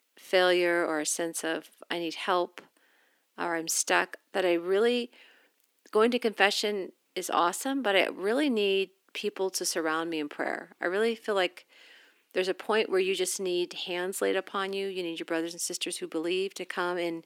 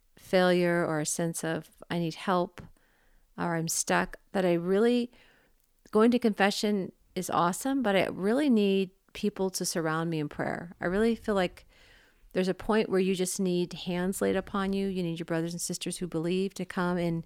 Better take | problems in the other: second | thin; somewhat; fading below 300 Hz

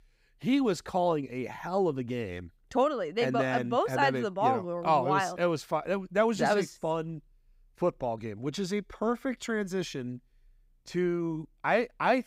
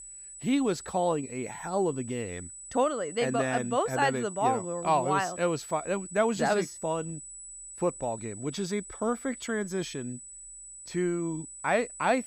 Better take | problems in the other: first | high-pitched whine; noticeable; throughout; 8 kHz, 10 dB below the speech

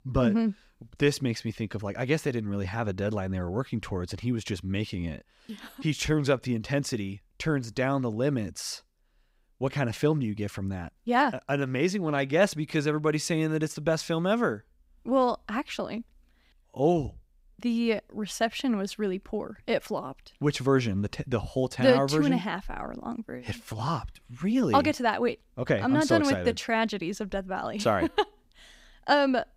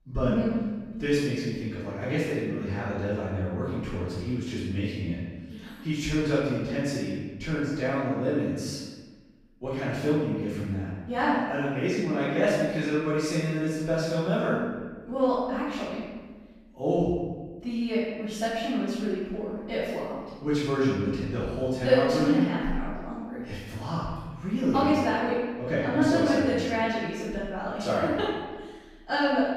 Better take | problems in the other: first | off-mic speech; far // room echo; strong; dies away in 1.2 s

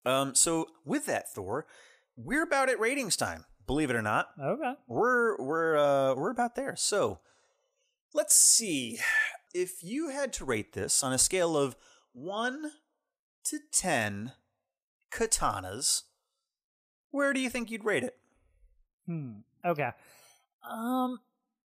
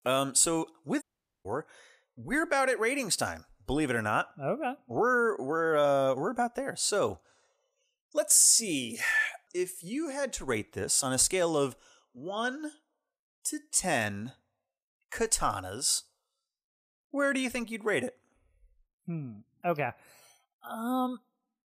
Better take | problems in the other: first | audio cutting out; at 1 s

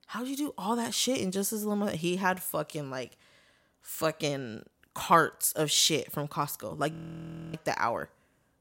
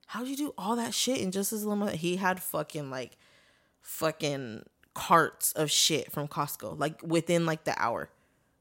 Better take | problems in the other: second | audio freezing; at 7 s for 0.5 s

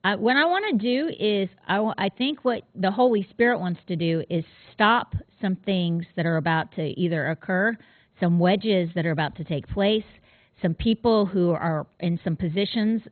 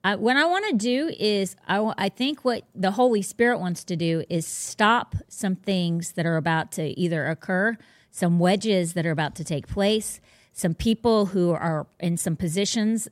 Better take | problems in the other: second | garbled, watery; badly; nothing above 4 kHz

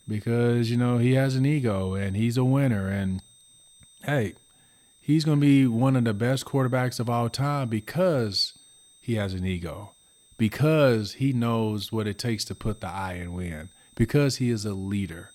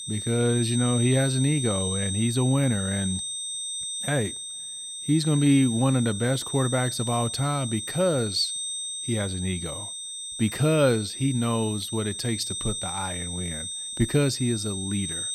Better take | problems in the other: first | high-pitched whine; loud; throughout; 8.5 kHz, 5 dB below the speech; faint in the first

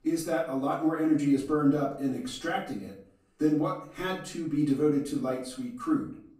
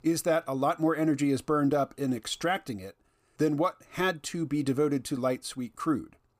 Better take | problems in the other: second | off-mic speech; far // room echo; slight; dies away in 0.4 s

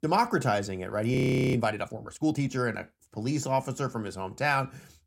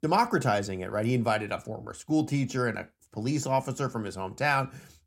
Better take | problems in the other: second | audio freezing; at 1 s

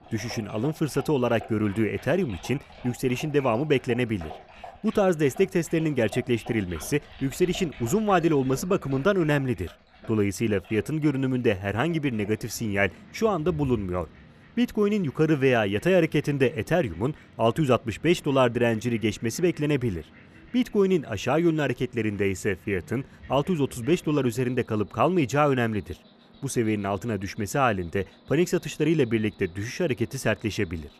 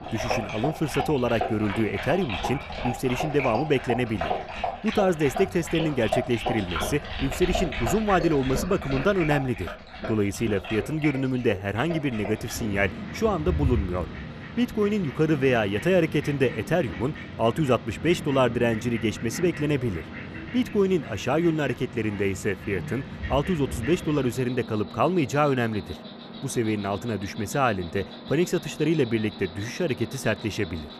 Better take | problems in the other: first | animal sounds; loud; throughout; 8 dB below the speech; faint in the first

